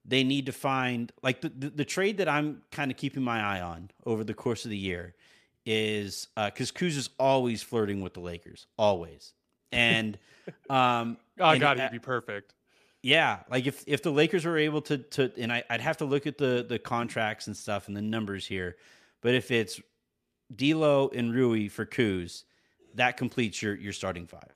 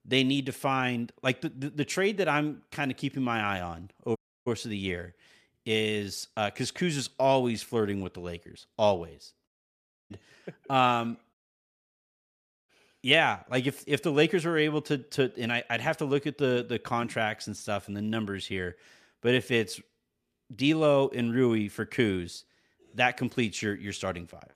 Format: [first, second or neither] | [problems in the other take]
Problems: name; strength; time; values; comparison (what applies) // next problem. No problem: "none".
first | audio cutting out; at 4 s, at 9.5 s for 0.5 s and at 11 s for 1.5 s